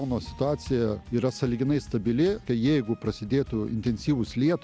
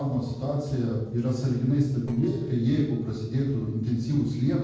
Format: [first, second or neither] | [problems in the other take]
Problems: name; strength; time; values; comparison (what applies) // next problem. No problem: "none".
first | noise reduction (neural separator model SepFormer DNS4)